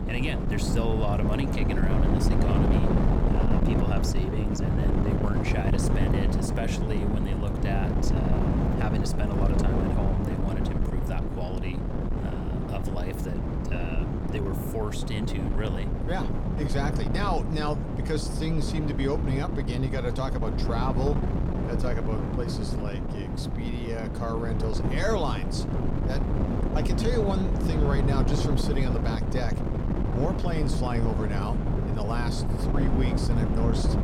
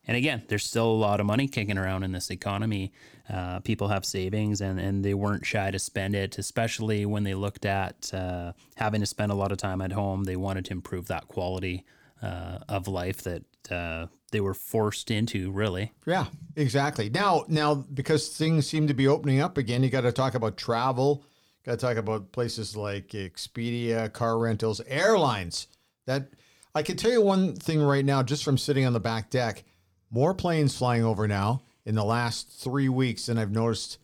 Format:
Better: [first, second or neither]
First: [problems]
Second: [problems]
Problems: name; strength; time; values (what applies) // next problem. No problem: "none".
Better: second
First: wind noise on the microphone; heavy; as loud as the speech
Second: none